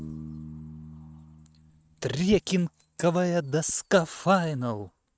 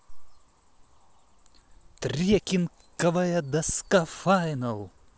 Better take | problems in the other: second | noise reduction (neural mask model RNNoise)

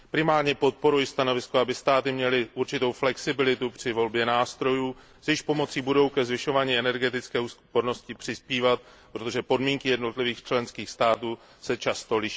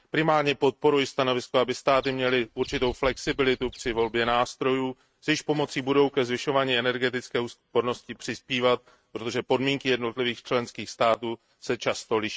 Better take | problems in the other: first | noise reduction (neural mask model RNNoise)

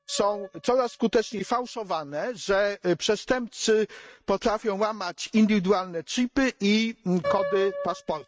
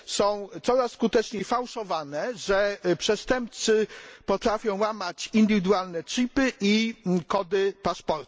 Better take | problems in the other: second | noise reduction (neural mask model RNNoise)

